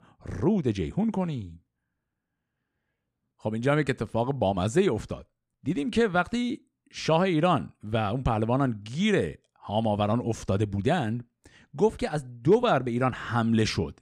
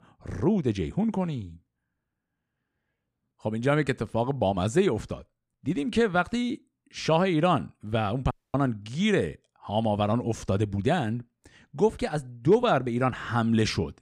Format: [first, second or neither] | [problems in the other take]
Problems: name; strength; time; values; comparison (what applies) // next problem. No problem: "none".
first | audio cutting out; at 8.5 s